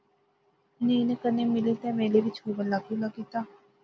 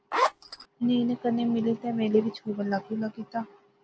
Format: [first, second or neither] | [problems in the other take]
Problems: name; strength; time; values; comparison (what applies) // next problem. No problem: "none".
first | background sound (Zipper (clothing)); 1 dB above the speech